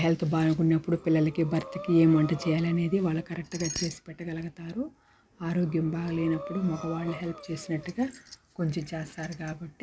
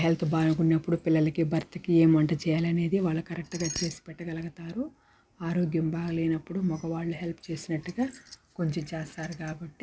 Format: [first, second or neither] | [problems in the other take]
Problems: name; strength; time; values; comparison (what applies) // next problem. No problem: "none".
second | background sound (Breathing); 17 dB below the speech